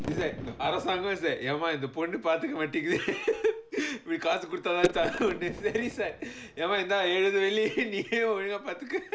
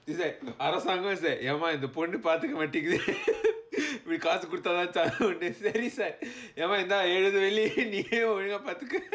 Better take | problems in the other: second | noise reduction (neural mask model Resemble Enhance denoiser)

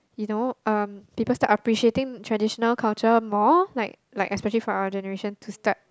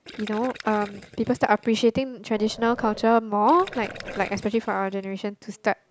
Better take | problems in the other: first | background sound (Growling + Gurgling); 18 dB below the speech

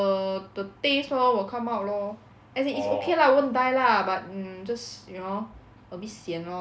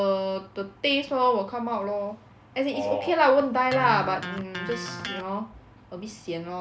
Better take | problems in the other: first | background sound (Electric guitar); 10 dB below the speech

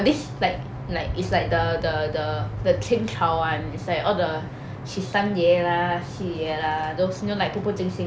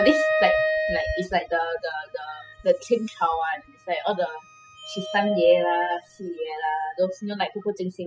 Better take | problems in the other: first | noise reduction (classical method spectral subtraction)

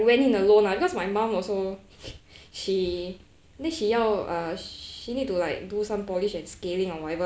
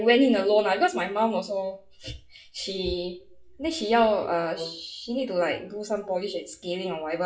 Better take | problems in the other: first | noise reduction (classical method WPE with log-MMSE)

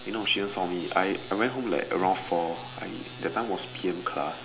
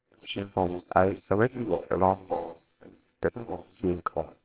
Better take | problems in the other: first | noise reduction (neural separator model SepFormer WHAMR!)

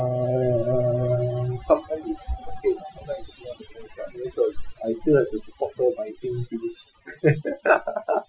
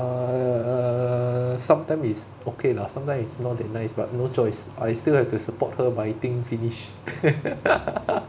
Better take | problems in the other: second | noise reduction (classical method Wiener filter)

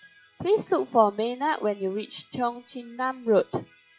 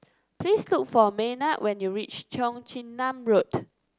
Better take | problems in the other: second | noise reduction (classical method log-MMSE)

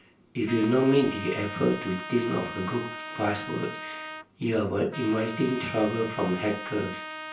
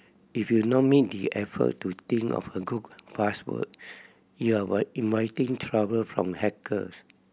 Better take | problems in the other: second | background sound (Trumpet); 11 dB below the speech // room echo; dies away in 0.3 s

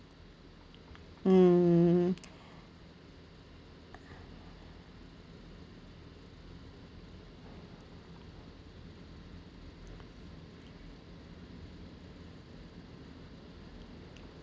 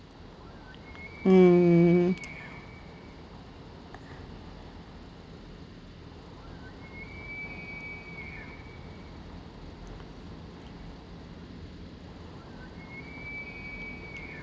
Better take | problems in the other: first | background sound (Animal); 15 dB below the speech

